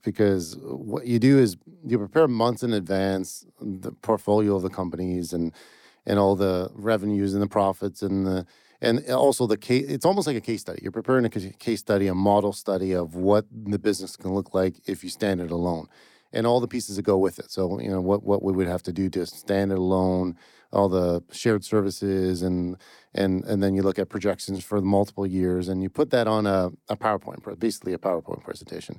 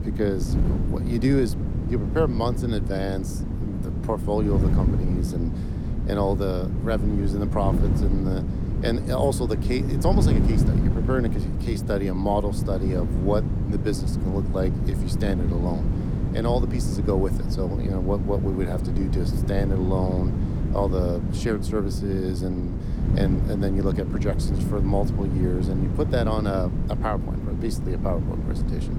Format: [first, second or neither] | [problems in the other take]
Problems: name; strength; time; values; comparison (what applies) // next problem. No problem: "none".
first | wind noise on the microphone; heavy; 6 dB below the speech